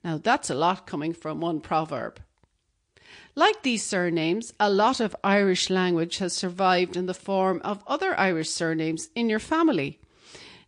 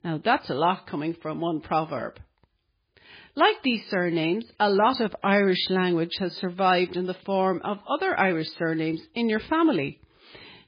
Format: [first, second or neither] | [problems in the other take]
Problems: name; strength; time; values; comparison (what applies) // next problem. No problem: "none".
first | garbled, watery; badly; nothing above 4 kHz; slightly in the first